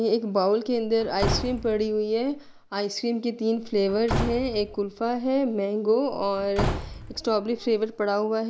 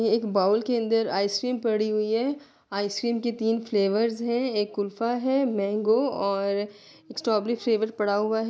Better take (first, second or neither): second